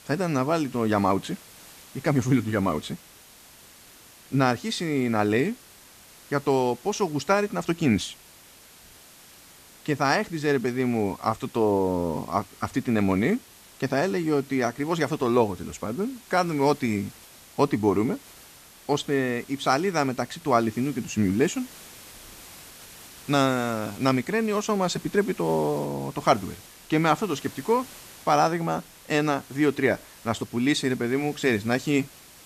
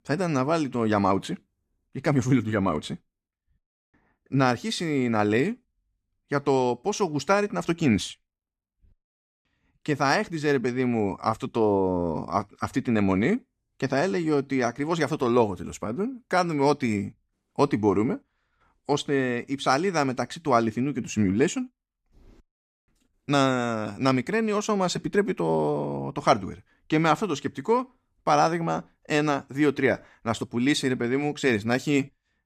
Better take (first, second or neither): second